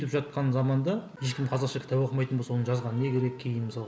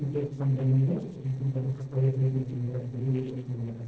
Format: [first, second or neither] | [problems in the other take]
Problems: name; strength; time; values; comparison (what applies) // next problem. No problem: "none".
first | noise reduction (neural separator model SepFormer DNS4)